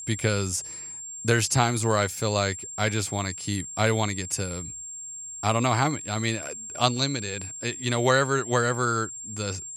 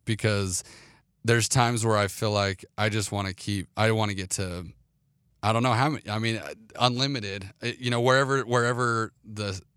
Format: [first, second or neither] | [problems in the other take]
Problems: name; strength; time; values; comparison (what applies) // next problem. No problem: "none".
second | high-pitched whine; loud; throughout; 7.5 kHz, 9 dB below the speech